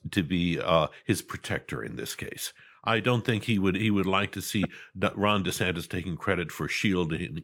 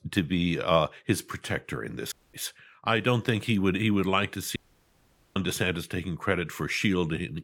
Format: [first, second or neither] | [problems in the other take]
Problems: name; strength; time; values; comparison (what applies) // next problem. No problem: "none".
first | audio cutting out; at 2 s and at 4.5 s for 1 s